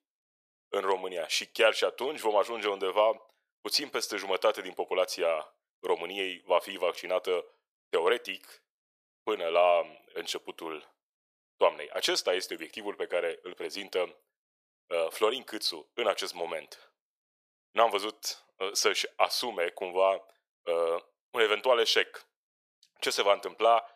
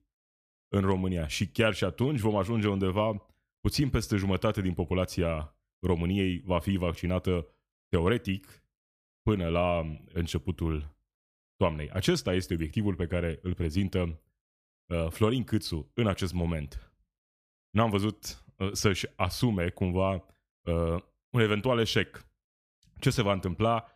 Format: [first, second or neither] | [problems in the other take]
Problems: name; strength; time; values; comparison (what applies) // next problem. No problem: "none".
second | thin; very; fading below 450 Hz